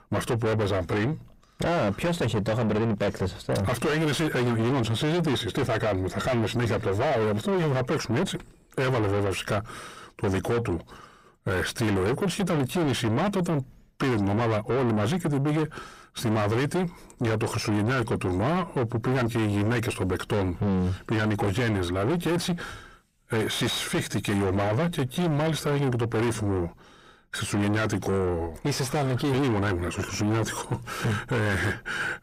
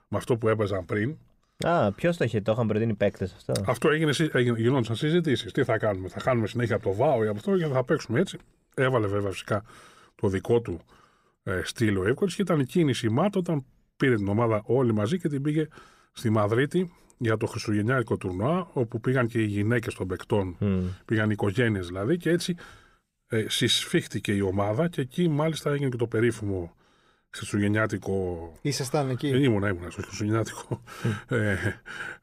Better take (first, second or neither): second